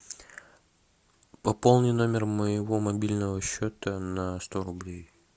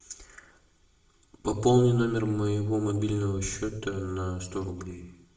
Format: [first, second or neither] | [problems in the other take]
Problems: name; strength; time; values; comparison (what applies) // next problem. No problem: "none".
first | room echo; dies away in 0.7 s